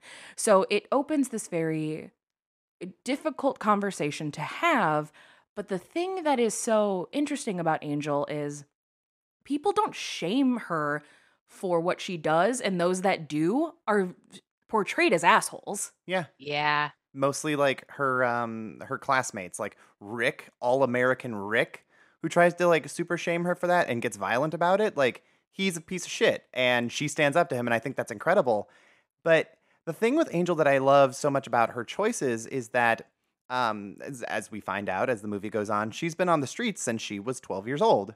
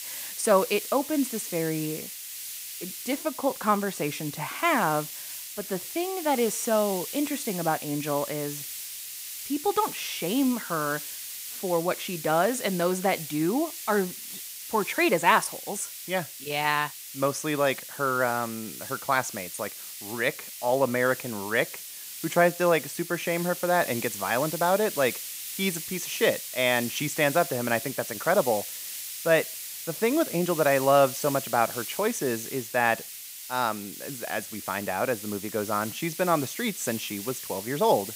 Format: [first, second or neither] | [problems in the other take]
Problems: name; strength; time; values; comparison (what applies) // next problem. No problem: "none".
first | hiss; loud; throughout; 8 dB below the speech